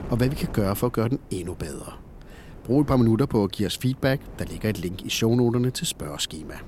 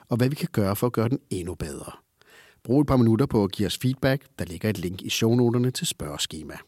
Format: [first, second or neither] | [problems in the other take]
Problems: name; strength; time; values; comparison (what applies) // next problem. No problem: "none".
second | wind noise on the microphone; occasional gusts; 20 dB below the speech